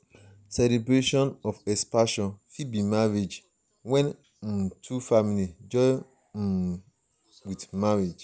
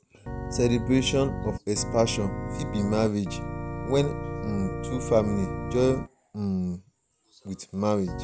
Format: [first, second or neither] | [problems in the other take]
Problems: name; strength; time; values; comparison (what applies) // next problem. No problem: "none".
first | background sound (Organ); 6 dB below the speech